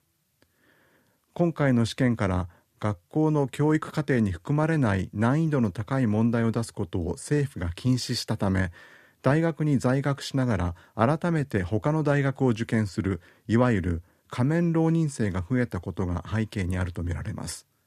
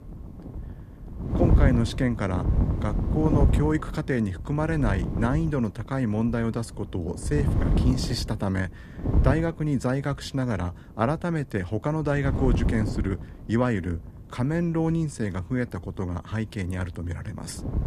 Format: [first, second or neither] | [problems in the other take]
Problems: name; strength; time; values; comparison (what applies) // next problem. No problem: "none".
first | wind noise on the microphone; heavy; 6 dB below the speech